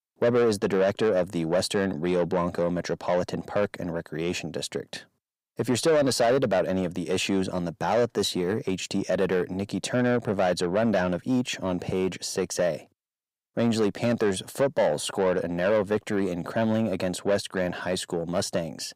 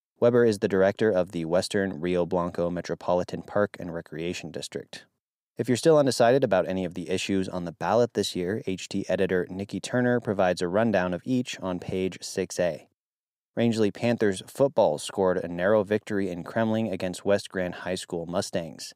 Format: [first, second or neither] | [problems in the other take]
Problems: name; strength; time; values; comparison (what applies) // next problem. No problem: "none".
second | distortion; slight; 10 dB below the speech